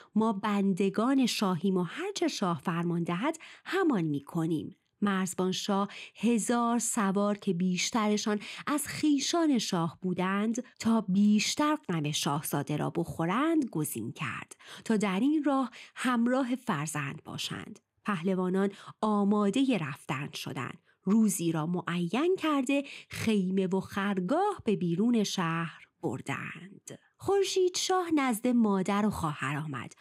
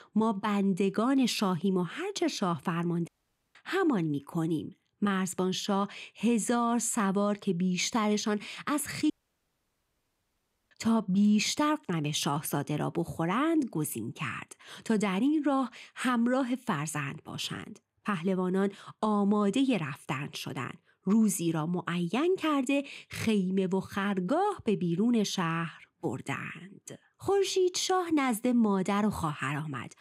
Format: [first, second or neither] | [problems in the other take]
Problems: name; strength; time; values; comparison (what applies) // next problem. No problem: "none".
first | audio cutting out; at 3 s and at 9 s for 1.5 s